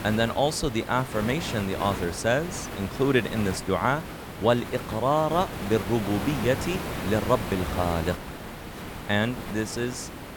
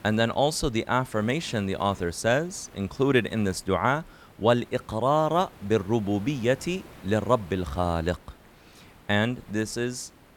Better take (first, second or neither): second